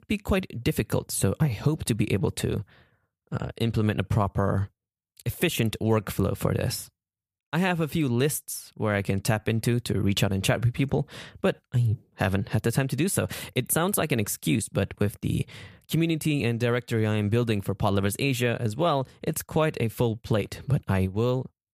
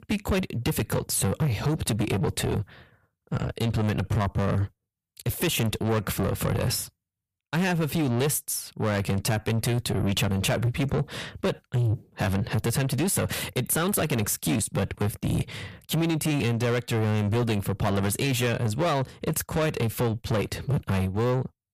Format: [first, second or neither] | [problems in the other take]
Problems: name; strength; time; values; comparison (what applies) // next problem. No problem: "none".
first | distortion; heavy; 7 dB below the speech